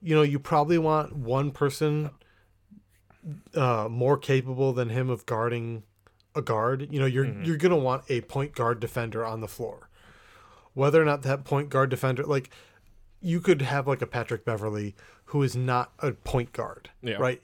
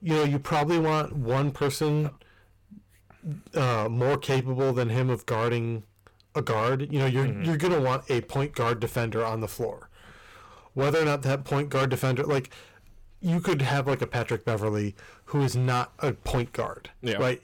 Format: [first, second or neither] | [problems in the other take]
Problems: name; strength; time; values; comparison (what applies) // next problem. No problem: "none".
first | distortion; heavy; 15% of the sound clipped